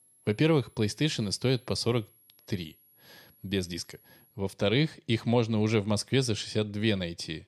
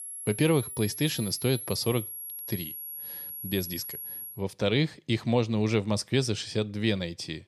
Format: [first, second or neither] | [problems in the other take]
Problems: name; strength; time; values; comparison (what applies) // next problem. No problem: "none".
first | high-pitched whine; loud; until 4.5 s; 11.5 kHz, 7 dB below the speech; faint in the first